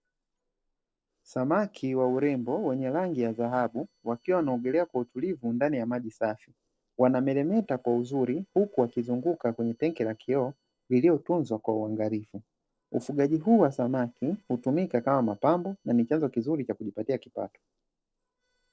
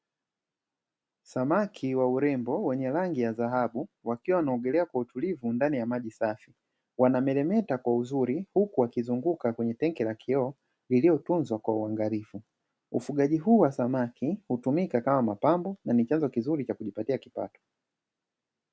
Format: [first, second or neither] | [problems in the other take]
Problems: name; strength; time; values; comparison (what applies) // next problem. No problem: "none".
second | noise reduction (neural separator model SepFormer DNS4)